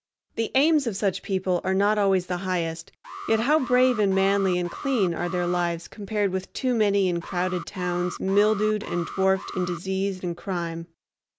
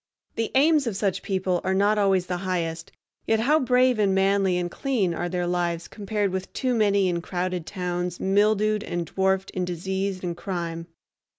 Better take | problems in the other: second | background sound (Alarm); 13 dB below the speech

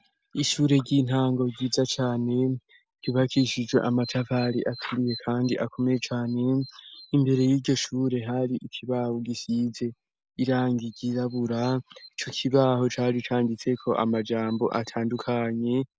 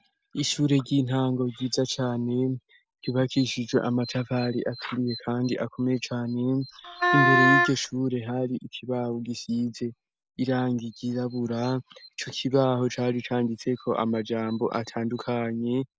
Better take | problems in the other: first | background sound (Wind instrument, woodwind instrument); 4 dB above the speech

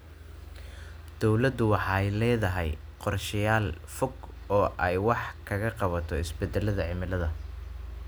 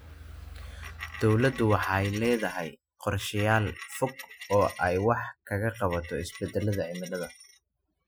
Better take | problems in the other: first | noise reduction (classical method Wiener filter)

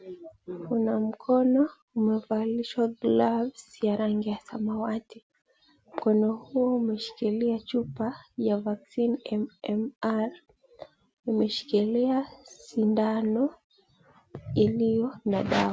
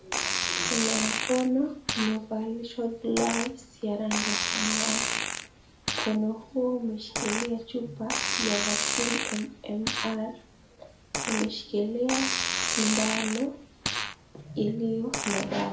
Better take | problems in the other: first | background sound (Fart); 1 dB below the speech // room echo; dies away in 0.4 s

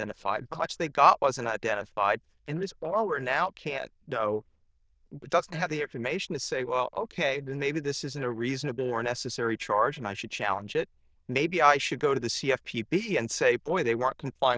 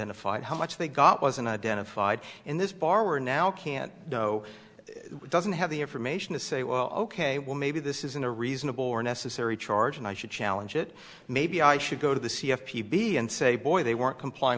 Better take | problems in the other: second | noise reduction (neural diffusion model UNIVERSE++)

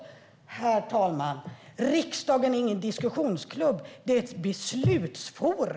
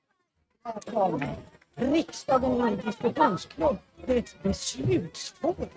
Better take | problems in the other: first | noise reduction (neural mask model RNNoise)

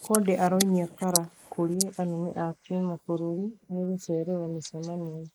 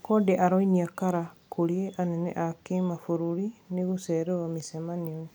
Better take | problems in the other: second | noise reduction (neural mask model Resemble Enhance denoiser)

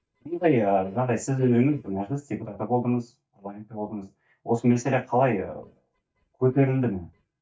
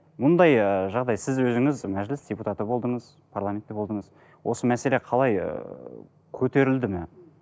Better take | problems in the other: second | noise reduction (neural mask model DeepFilterNet 3)

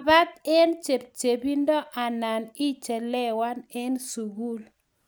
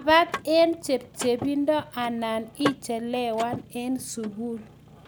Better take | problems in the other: first | background sound (Mechanisms / Car); 12 dB below the speech

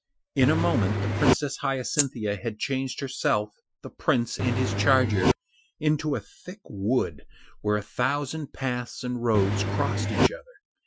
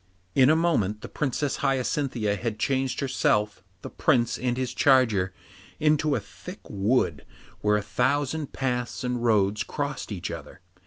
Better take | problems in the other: second | noise reduction (classical method Wiener filter)

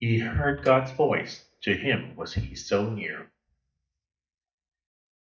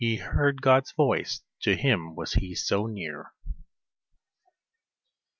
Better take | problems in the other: second | noise reduction (neural mask model DeepFilterNet 3)

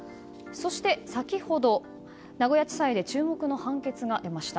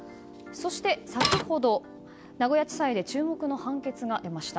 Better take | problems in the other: first | background sound (Printer); 4 dB above the speech

